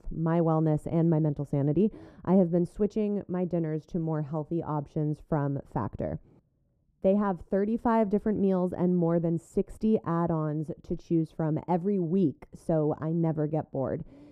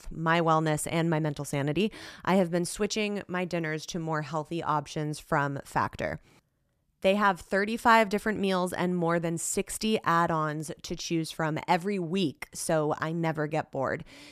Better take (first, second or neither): second